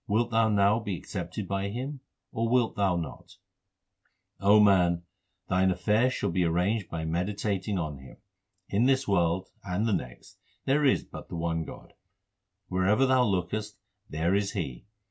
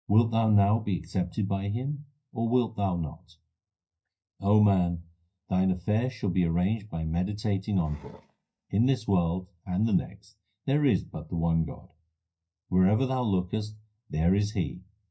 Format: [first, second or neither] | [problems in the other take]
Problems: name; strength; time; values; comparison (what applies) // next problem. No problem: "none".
first | noise reduction (neural mask model DeepFilterNet 3)